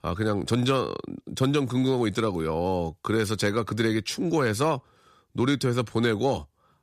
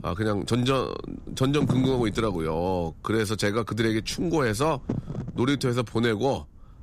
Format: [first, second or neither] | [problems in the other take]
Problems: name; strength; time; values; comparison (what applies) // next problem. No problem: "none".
first | wind noise on the microphone; occasional gusts; 15 dB below the speech